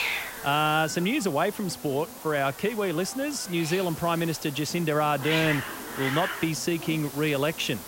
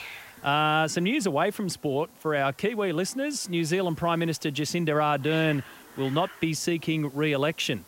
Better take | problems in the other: second | hiss; loud; throughout; 8 dB below the speech; faint in the second

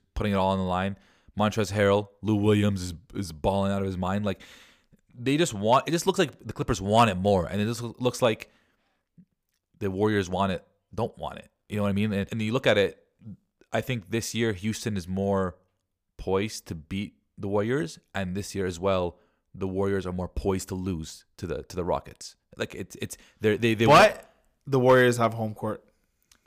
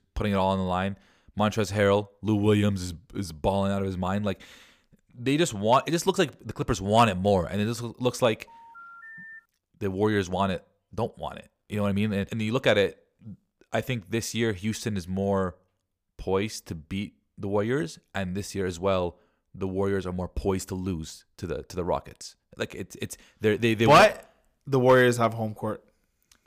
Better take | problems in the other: first | phone ringing; faint; at 8.5 s; peak 15 dB below the speech

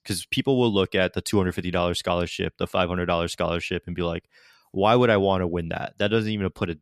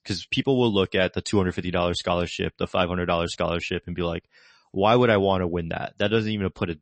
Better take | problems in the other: first | garbled, watery; slightly; nothing above 8 kHz

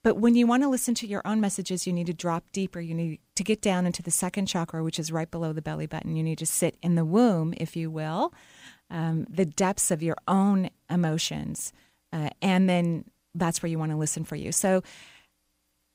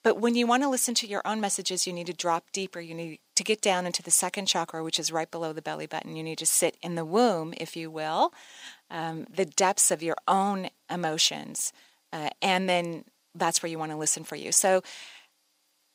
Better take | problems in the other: first | thin; somewhat; fading below 350 Hz

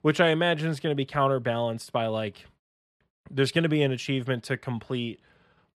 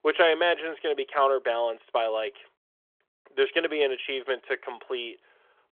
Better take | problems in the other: first | phone-call audio; nothing above 3.5 kHz

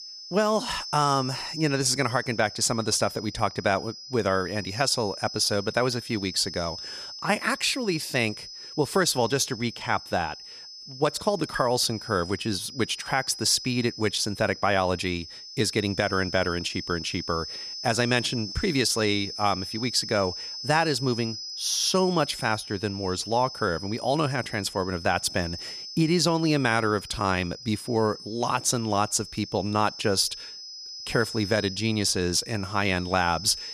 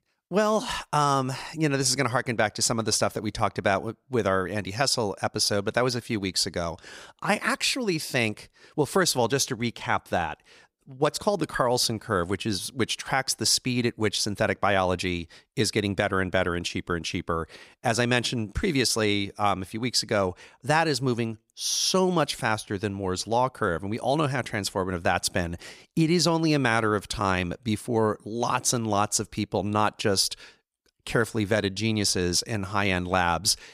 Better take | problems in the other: second | high-pitched whine; noticeable; throughout; 5 kHz, 10 dB below the speech

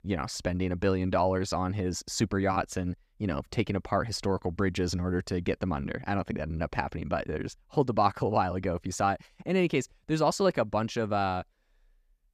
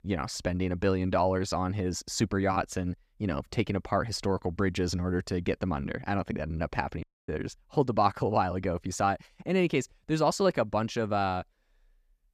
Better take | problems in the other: first | audio cutting out; at 7 s

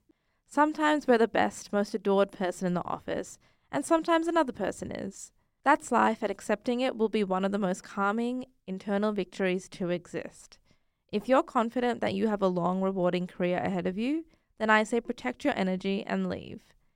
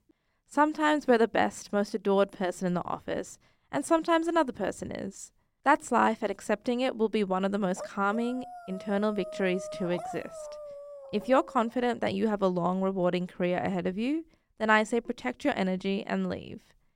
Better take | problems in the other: first | dog barking; faint; from 8 to 12 s; peak 10 dB below the speech

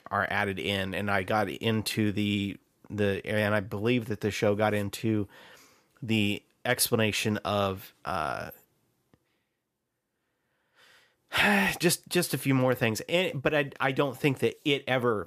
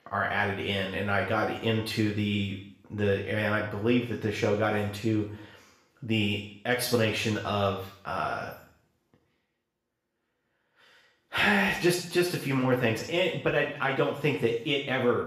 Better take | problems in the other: first | room echo; noticeable; dies away in 0.6 s // off-mic speech; far

